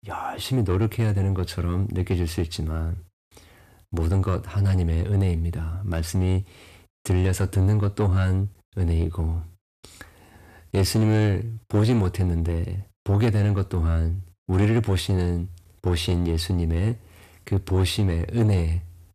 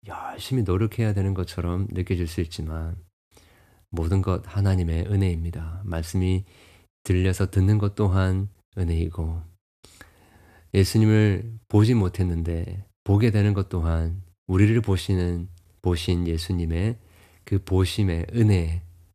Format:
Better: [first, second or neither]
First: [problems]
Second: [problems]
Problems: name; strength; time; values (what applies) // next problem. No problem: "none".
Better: second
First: distortion; slight; 10 dB below the speech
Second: none